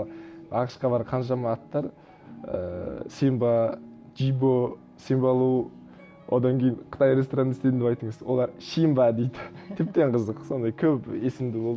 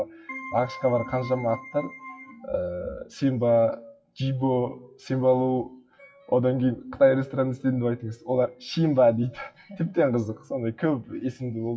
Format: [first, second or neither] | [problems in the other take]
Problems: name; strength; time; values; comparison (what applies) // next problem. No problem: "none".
first | noise reduction (classical method WPE with log-MMSE)